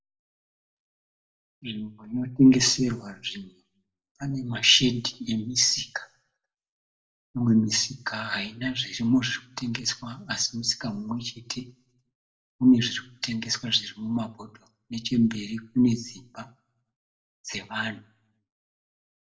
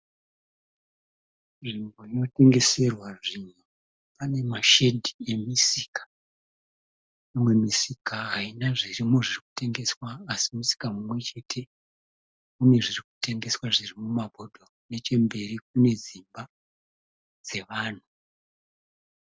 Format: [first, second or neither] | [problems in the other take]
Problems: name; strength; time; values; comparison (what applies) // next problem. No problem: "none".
second | room echo; dies away in 0.3 s